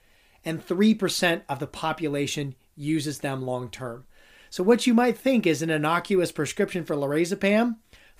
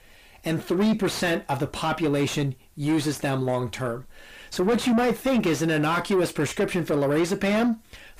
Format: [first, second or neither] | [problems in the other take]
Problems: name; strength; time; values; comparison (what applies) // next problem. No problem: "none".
first | distortion; heavy; 6 dB below the speech